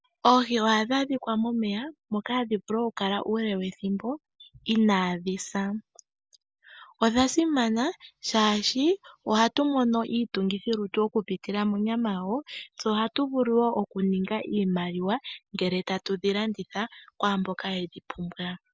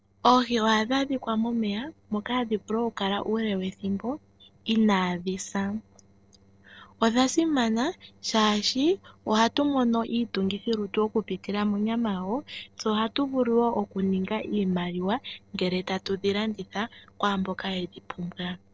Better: first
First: none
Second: noise reduction (neural separator model SepFormer DNS4)

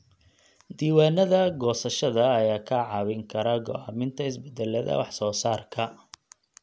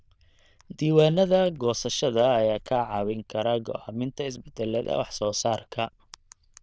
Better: first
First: none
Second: noise reduction (neural diffusion model UNIVERSE++)

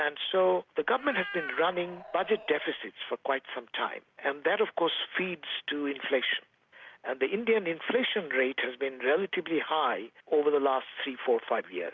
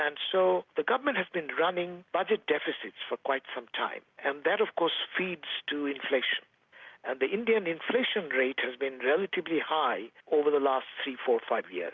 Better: second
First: background sound (Meow); 13 dB below the speech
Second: none

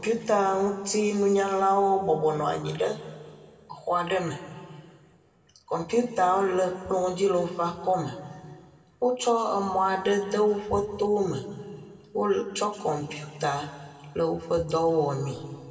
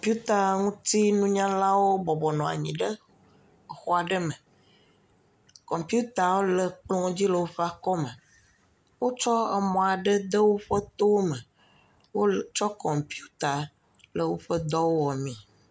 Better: second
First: room echo; dies away in 1.9 s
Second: none

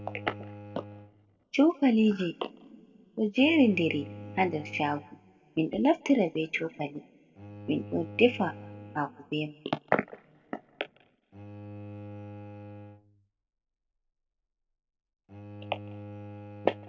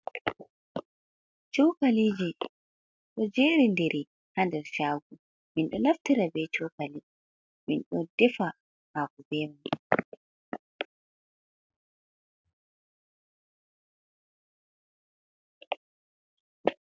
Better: second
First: background sound (Bowed string instrument); 16 dB below the speech // room echo; dies away in 1.7 s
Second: none

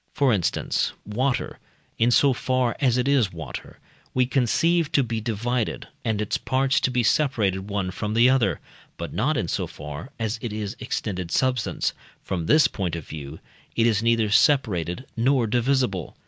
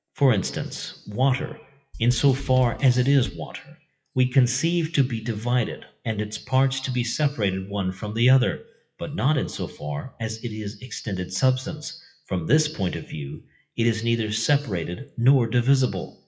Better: first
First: none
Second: noise reduction (classical method WPE with log-MMSE)

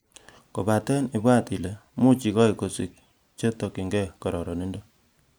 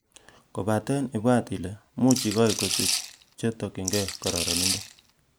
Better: first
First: none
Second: background sound (Rattle / Rattle (instrument)); 2 dB below the speech

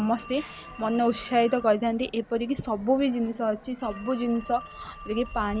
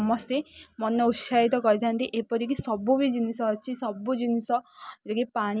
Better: second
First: background sound (Telephone); 16 dB below the speech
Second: none

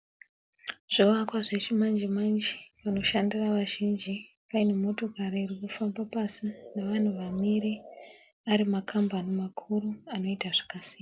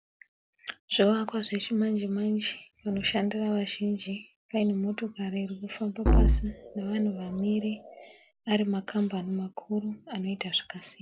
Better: first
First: none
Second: background sound (Musical instrument); 2 dB above the speech

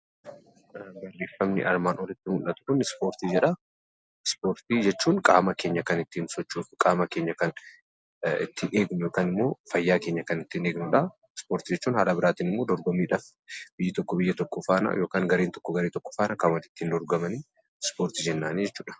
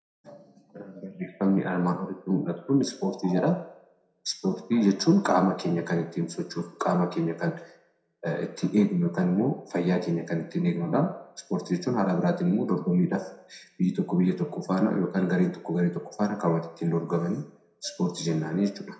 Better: first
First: none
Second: room echo; dies away in 0.5 s

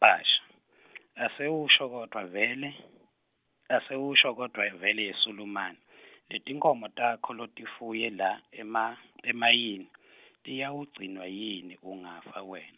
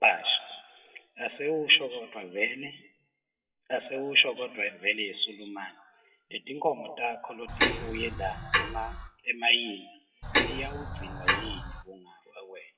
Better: first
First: none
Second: noise reduction (classical method WPE with log-MMSE)

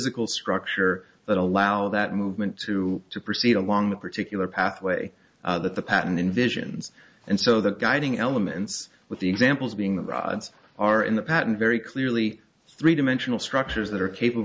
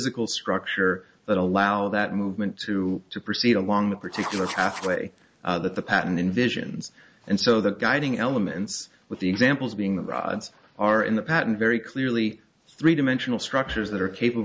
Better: first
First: none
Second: background sound (Writing); 12 dB below the speech

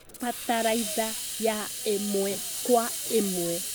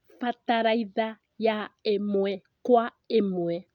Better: second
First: background sound (Hiss); 5 dB below the speech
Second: none

